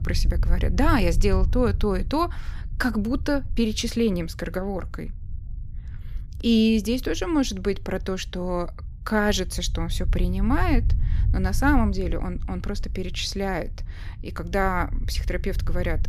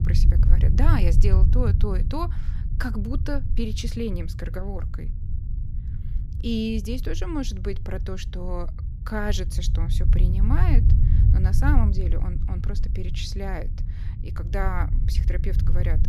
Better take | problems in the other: first | low rumble; loud; throughout; 8 dB below the speech; faint in the first

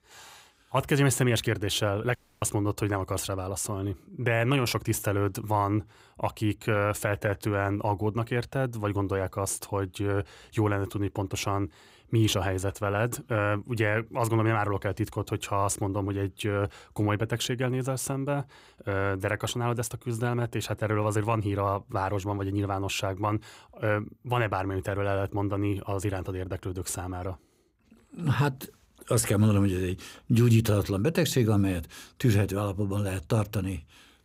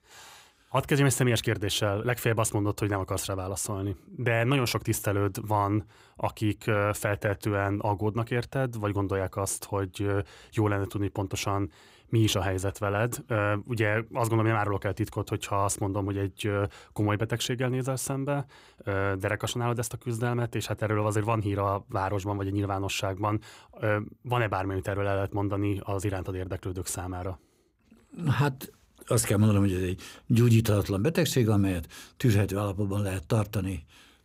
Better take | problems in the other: second | audio cutting out; at 2 s

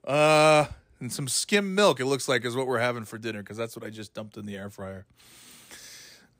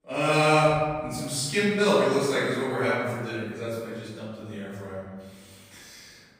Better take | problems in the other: first | off-mic speech; far // room echo; strong; dies away in 1.4 s

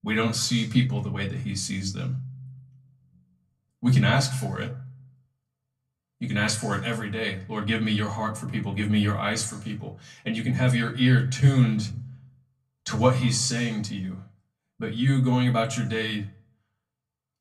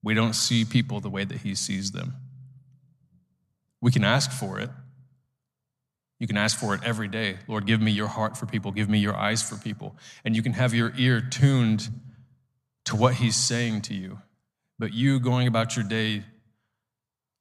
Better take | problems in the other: second | off-mic speech; far // room echo; very slight; dies away in 0.2 s

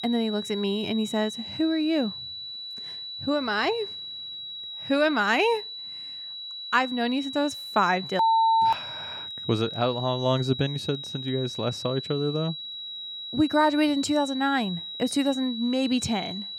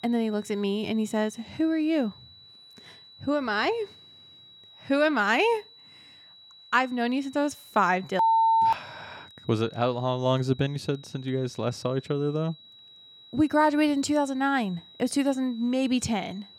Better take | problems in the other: second | high-pitched whine; loud; throughout; 4 kHz, 8 dB below the speech; faint in the second

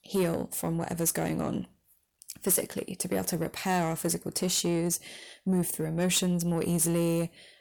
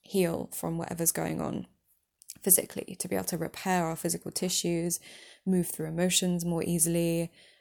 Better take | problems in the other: second | distortion; slight; 10 dB below the speech

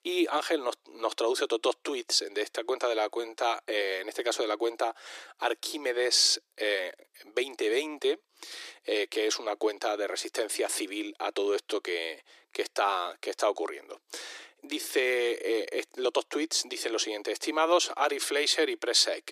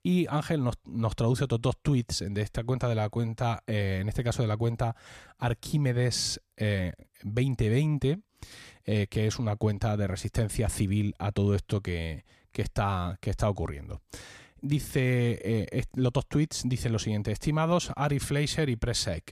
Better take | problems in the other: second | thin; very; fading below 300 Hz

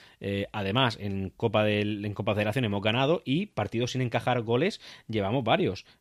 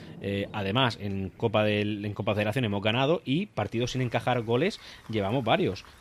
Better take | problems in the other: first | rain or running water; faint; throughout; 25 dB below the speech

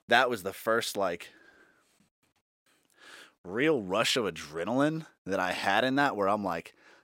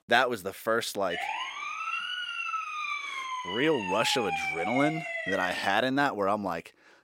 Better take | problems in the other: first | siren; noticeable; from 1 to 5.5 s; peak 2 dB below the speech

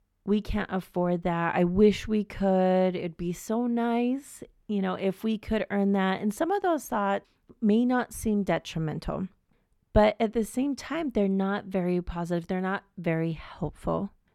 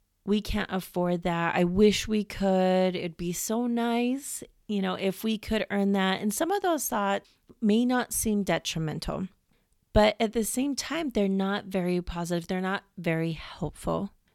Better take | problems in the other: second | muffled; slightly; fading above 2.5 kHz

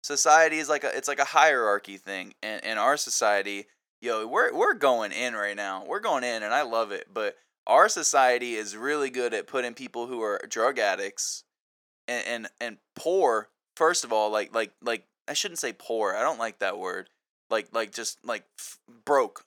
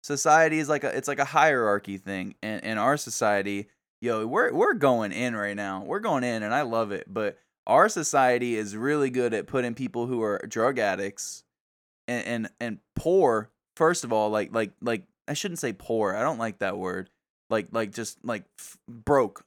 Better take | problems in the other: second | thin; somewhat; fading below 450 Hz

